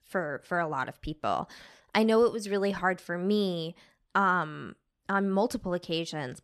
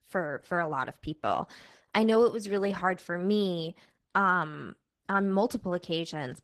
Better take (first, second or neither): first